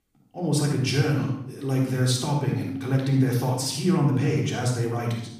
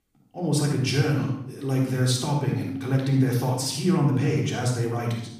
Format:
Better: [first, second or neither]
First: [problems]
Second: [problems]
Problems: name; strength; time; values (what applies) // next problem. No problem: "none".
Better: neither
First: off-mic speech; far // room echo; noticeable; dies away in 0.6 s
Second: off-mic speech; far // room echo; noticeable; dies away in 0.6 s